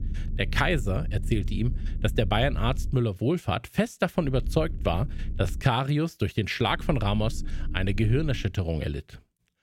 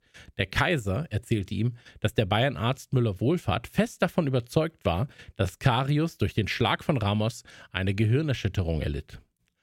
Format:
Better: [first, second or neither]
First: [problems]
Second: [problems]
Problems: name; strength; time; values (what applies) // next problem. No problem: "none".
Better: second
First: low rumble; faint; until 3 s, from 4 to 5.5 s and from 6.5 to 8.5 s; 20 dB below the speech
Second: none